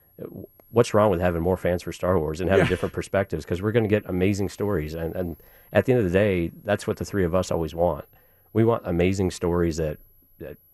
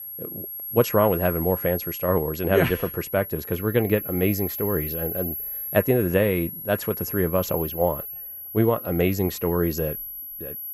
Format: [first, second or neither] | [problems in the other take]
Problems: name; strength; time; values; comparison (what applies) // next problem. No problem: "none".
first | high-pitched whine; loud; throughout; 11.5 kHz, 7 dB below the speech; faint in the first